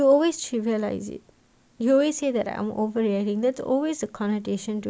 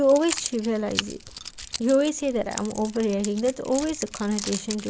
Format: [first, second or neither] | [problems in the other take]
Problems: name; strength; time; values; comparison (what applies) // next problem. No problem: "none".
first | background sound (Keys jangling); 11 dB below the speech